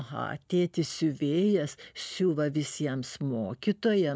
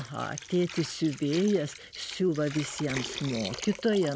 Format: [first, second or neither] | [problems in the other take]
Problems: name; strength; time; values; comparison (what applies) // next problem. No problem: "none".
first | background sound (Water); 12 dB below the speech